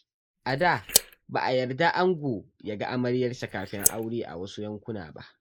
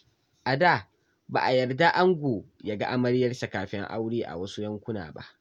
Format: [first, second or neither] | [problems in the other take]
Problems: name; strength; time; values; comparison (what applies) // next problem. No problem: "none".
second | noise reduction (neural mask model Resemble Enhance denoiser)